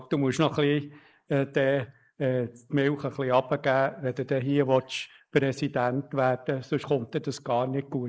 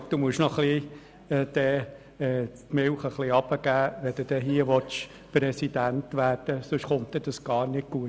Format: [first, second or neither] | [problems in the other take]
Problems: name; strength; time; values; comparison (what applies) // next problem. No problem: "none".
second | noise reduction (neural mask model Resemble Enhance denoiser)